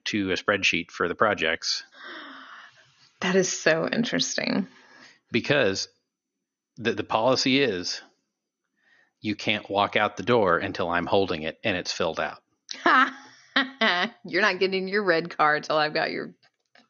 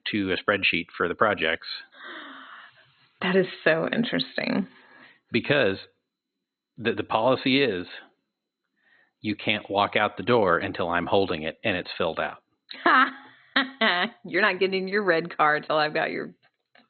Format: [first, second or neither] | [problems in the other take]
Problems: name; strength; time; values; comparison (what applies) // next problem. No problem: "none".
first | garbled, watery; badly; nothing above 4 kHz; slightly in the first